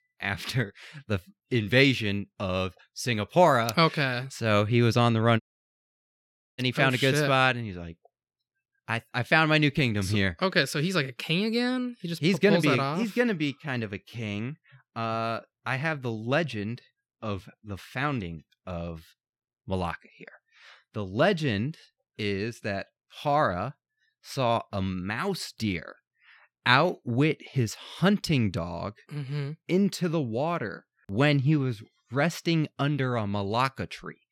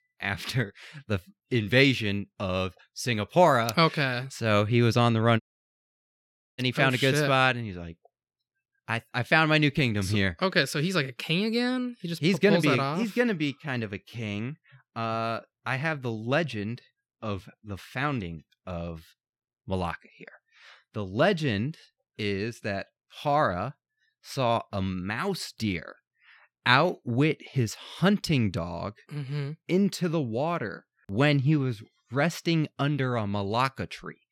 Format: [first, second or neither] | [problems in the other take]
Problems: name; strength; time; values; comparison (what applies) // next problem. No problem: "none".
neither | audio cutting out; at 5.5 s for 1 s; the same in both